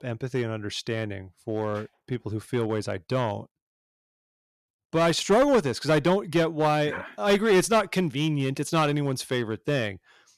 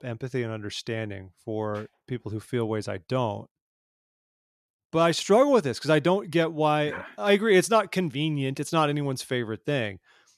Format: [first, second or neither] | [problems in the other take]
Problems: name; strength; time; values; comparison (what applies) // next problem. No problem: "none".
second | distortion; slight; 4% of the sound clipped